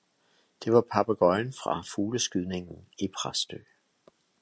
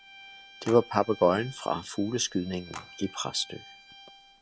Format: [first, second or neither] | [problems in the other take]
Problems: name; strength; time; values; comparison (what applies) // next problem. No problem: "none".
first | background sound (Bowed string instrument + Telephone); 18 dB below the speech